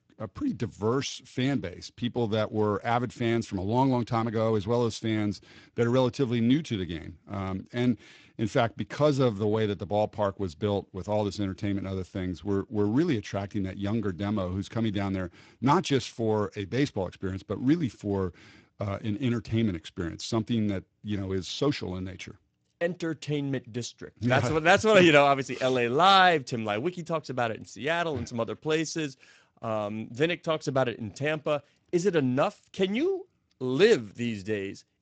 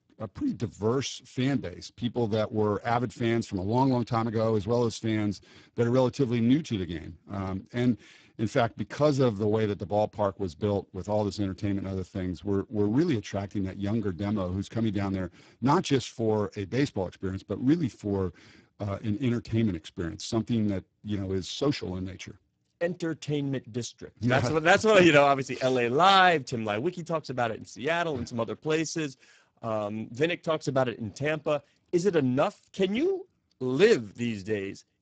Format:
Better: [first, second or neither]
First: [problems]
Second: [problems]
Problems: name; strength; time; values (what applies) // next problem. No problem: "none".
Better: first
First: garbled, watery; slightly; nothing above 7.5 kHz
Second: garbled, watery; badly; nothing above 7.5 kHz